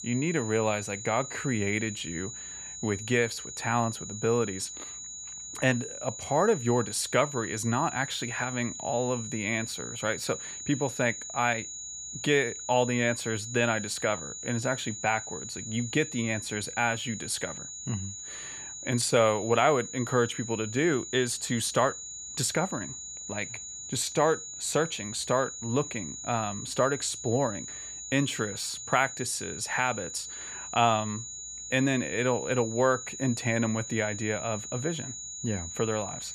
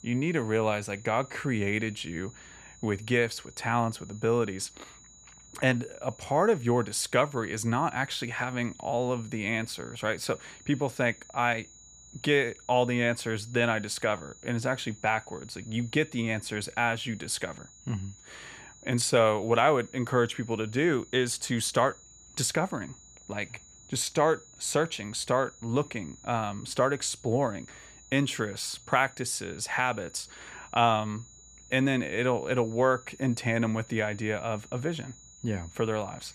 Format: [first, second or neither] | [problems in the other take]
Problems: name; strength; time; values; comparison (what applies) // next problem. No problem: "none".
second | high-pitched whine; loud; throughout; 7 kHz, 8 dB below the speech; faint in the second